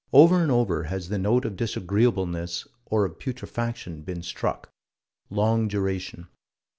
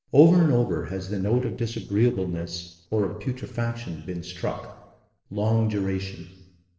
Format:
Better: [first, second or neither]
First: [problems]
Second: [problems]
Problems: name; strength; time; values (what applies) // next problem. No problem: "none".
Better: first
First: none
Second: noise reduction (neural separator model SepFormer DNS4)